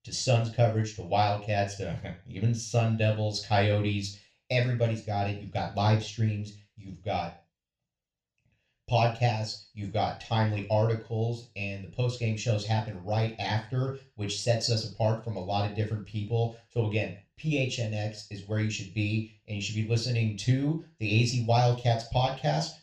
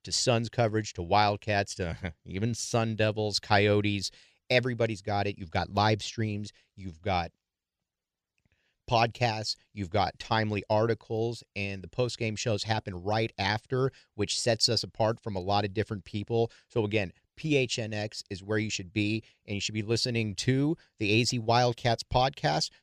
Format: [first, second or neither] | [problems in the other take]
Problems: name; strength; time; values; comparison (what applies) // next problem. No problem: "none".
second | room echo; slight; dies away in 0.3 s // off-mic speech; somewhat distant